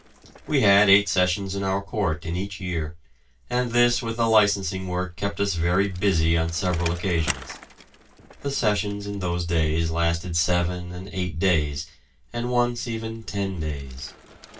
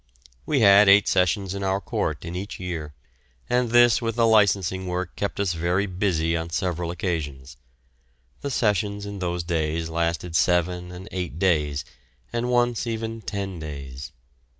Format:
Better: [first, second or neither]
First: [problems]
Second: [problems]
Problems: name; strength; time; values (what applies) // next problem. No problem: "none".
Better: second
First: background sound (Bicycle); 20 dB below the speech // room echo; dies away in 0.1 s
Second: none